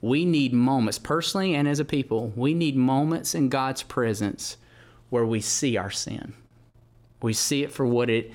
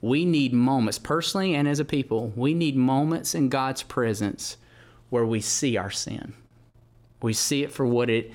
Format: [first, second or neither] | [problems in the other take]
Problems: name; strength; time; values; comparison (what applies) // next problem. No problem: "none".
neither | none